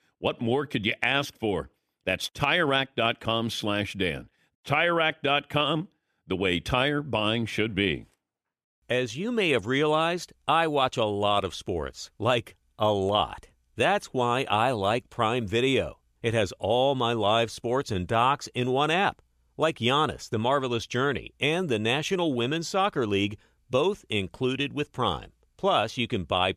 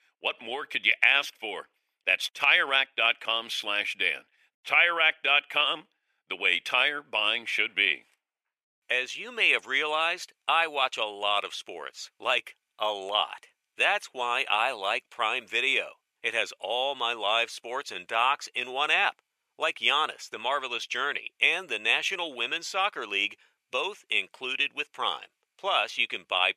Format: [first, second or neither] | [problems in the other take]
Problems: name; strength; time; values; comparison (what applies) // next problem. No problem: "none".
first | thin; very; fading below 700 Hz